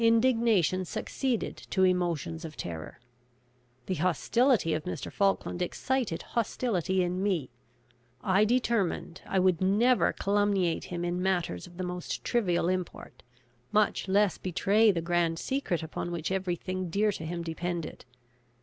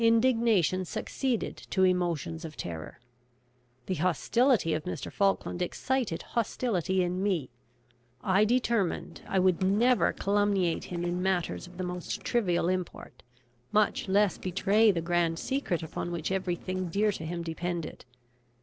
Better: first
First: none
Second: noise reduction (neural separator model SepFormer DNS4)

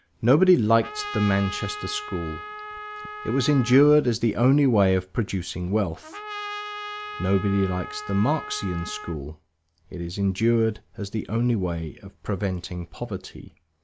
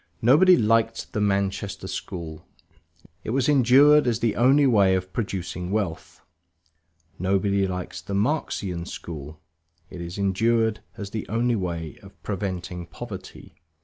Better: second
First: background sound (Trumpet); 12 dB below the speech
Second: none

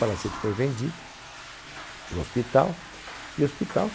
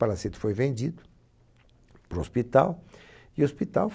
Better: second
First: background sound (Toilet flush / Water); 12 dB below the speech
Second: none

